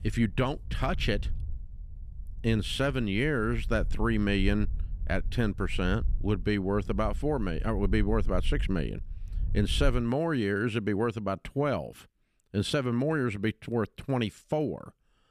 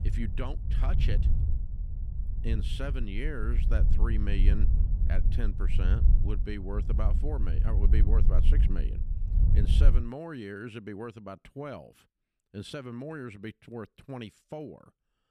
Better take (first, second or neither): first